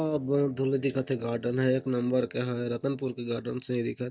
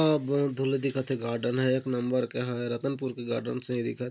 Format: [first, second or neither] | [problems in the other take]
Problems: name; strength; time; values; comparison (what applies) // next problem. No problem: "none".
second | noise reduction (neural mask model DeepFilterNet 3)